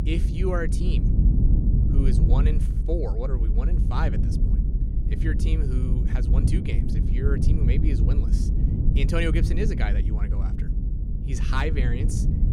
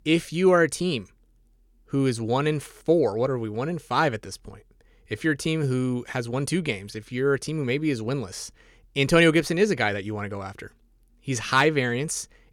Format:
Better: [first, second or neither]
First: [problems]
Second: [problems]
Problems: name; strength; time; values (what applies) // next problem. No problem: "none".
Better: second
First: low rumble; loud; throughout; 4 dB below the speech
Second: none